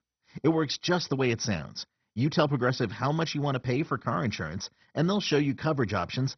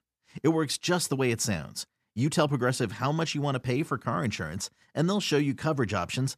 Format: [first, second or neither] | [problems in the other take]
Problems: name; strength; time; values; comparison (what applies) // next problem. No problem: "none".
second | garbled, watery; badly; nothing above 6 kHz